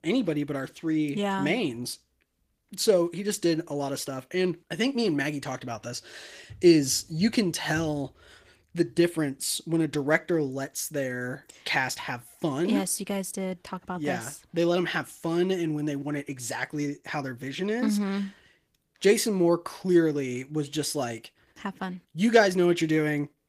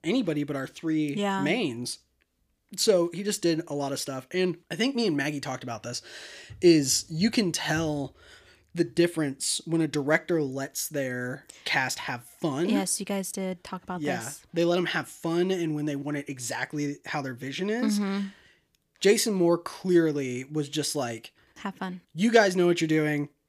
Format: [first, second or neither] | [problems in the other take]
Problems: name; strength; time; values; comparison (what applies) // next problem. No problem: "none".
second | garbled, watery; slightly